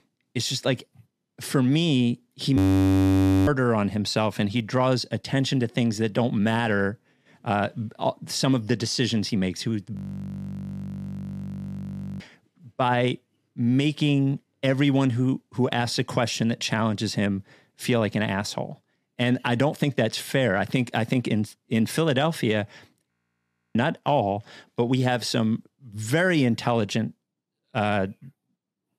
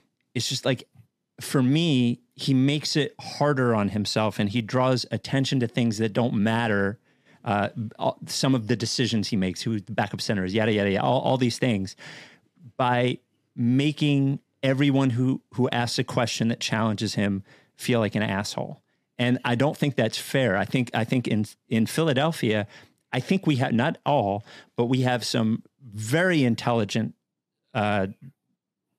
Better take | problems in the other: second | audio freezing; at 2.5 s for 1 s, at 10 s for 2.5 s and at 23 s for 0.5 s

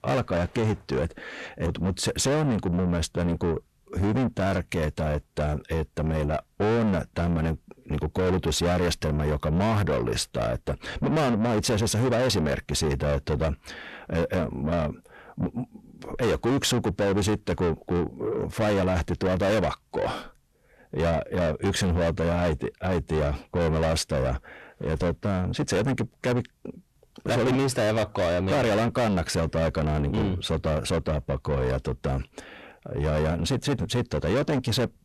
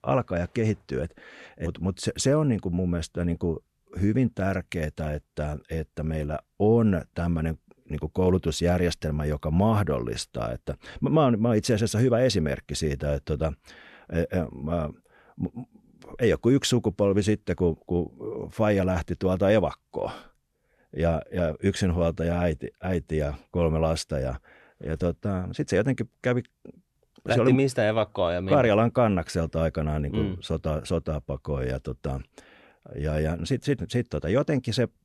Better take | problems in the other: second | distortion; heavy; 6 dB below the speech

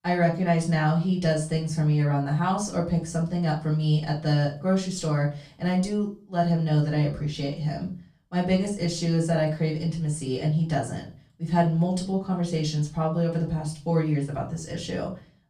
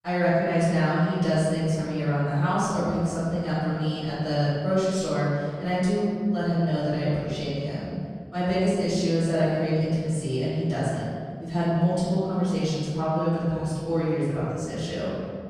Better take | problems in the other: first | room echo; strong; dies away in 1.9 s; slight in the first // off-mic speech; far; far in the first

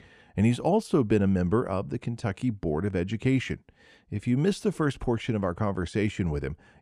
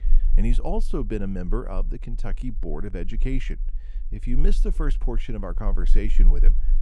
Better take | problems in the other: first | low rumble; noticeable; throughout; 20 dB below the speech

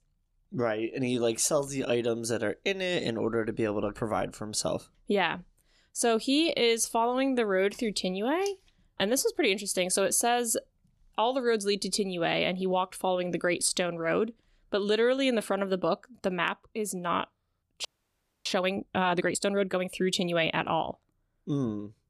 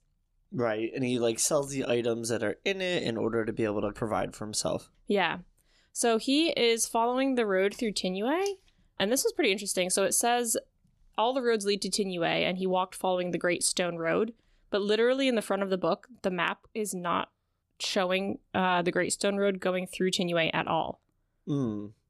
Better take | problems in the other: second | audio freezing; at 18 s for 0.5 s

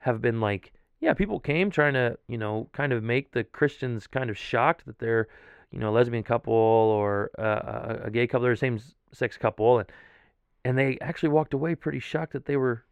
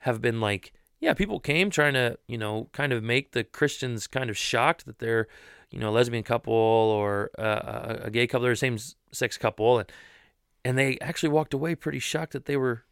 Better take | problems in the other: second | muffled; very; fading above 4 kHz

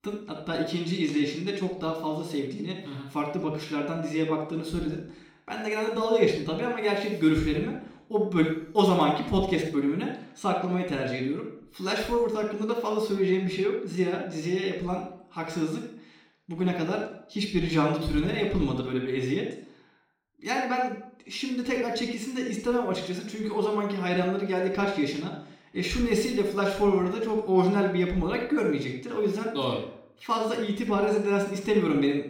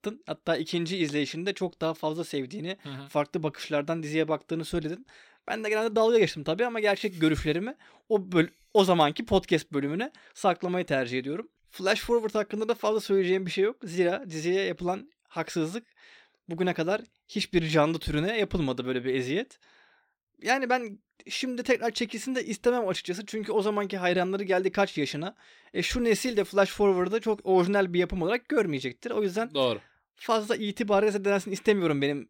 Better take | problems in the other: second | off-mic speech; somewhat distant // room echo; noticeable; dies away in 0.5 s

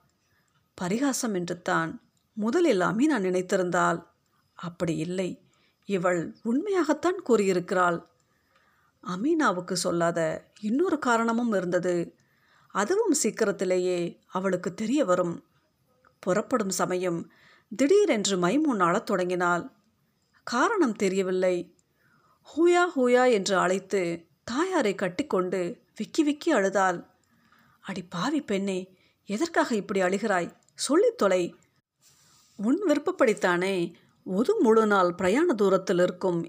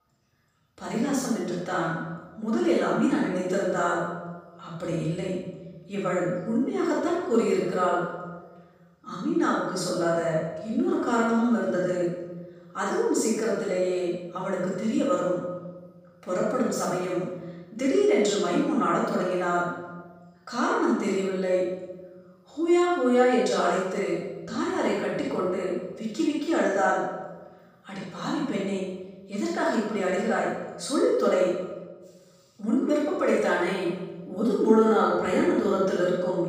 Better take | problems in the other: first | off-mic speech; far // room echo; strong; dies away in 1.3 s

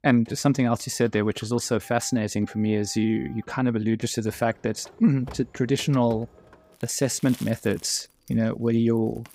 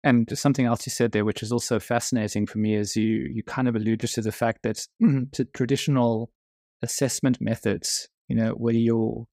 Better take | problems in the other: second | household noises; faint; throughout; 25 dB below the speech

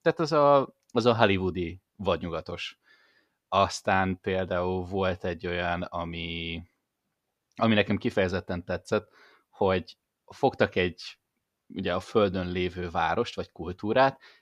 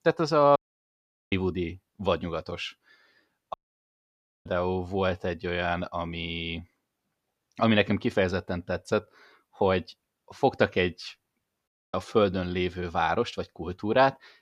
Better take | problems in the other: first | audio cutting out; at 0.5 s for 1 s, at 3.5 s for 1 s and at 12 s

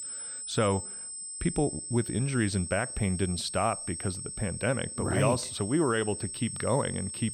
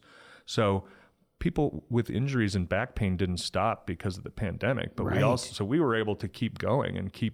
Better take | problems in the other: second | high-pitched whine; loud; throughout; 8 kHz, 6 dB below the speech

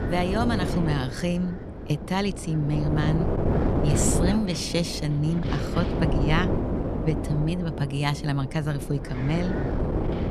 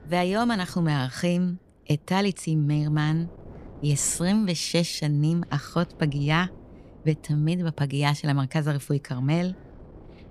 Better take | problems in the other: second | wind noise on the microphone; heavy; 2 dB below the speech; occasional gusts in the second

